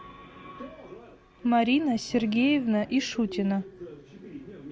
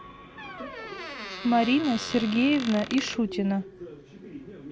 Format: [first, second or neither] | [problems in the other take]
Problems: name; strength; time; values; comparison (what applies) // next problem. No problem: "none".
first | background sound (Squeak); 11 dB below the speech